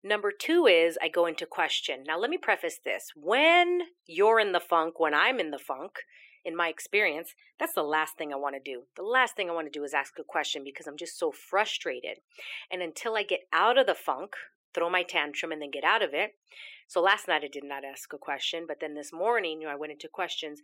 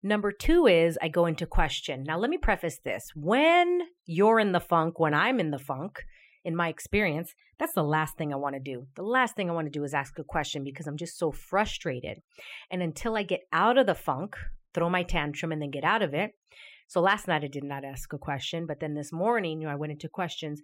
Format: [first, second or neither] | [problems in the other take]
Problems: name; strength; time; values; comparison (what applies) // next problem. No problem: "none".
second | thin; somewhat; fading below 350 Hz